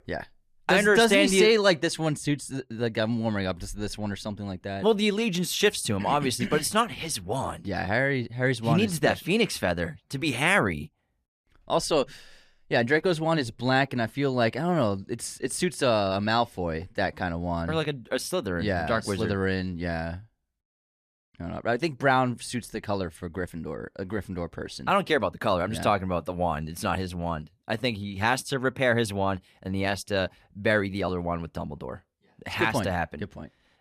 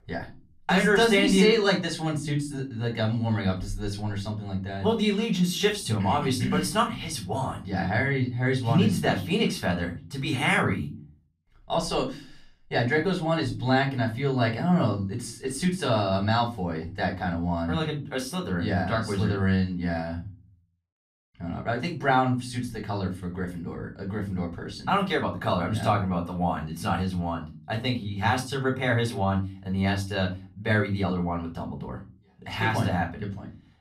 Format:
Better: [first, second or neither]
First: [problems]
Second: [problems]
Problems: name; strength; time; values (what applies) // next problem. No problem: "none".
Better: first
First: none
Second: off-mic speech; far // room echo; very slight; dies away in 0.3 s